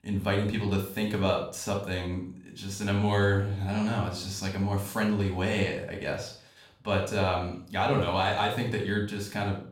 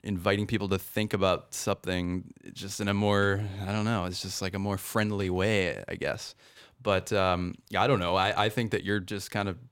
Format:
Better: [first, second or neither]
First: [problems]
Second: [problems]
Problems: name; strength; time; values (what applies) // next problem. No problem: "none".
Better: second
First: room echo; slight; dies away in 0.4 s // off-mic speech; somewhat distant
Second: none